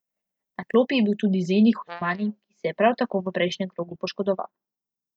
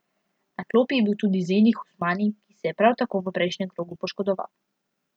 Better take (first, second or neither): second